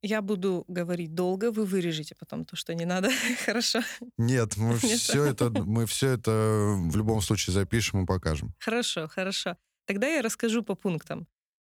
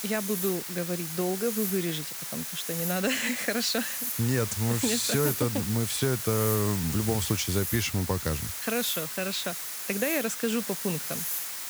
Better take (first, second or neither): first